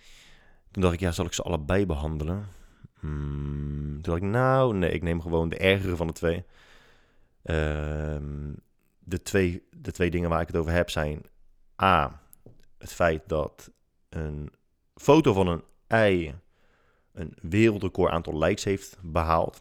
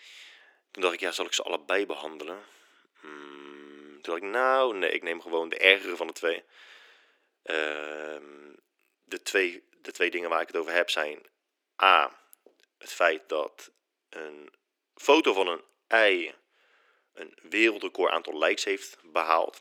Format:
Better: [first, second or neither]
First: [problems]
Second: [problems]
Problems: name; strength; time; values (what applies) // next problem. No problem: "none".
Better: first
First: none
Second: thin; very; fading below 300 Hz